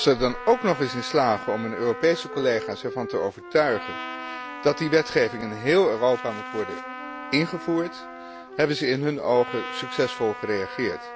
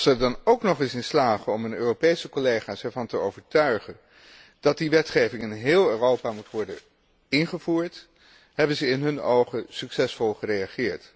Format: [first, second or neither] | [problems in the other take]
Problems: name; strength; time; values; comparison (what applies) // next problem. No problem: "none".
second | background sound (Trumpet + Wind instrument, woodwind instrument); 11 dB below the speech